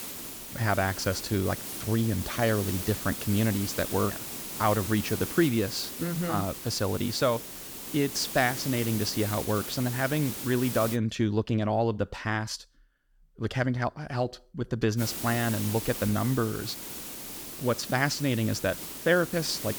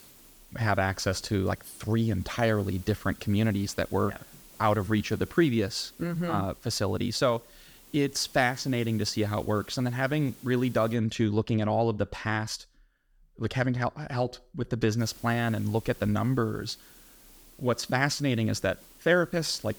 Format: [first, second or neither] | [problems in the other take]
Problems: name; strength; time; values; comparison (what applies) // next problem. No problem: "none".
second | hiss; loud; until 11 s and from 15 s on; 7 dB below the speech; faint in the second